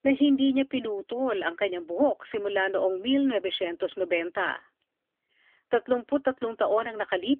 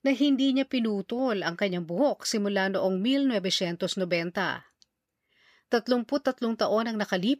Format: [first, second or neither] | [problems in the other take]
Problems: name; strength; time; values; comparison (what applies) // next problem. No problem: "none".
second | phone-call audio; nothing above 3.5 kHz